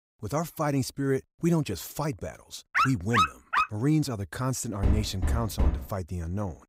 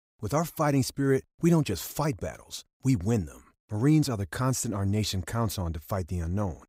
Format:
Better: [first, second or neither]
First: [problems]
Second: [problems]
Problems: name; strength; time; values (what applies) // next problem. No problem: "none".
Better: second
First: dog barking; loud; at 3 s; peak 5 dB above the speech // door banging; loud; from 5 to 6 s; peak 1 dB above the speech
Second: none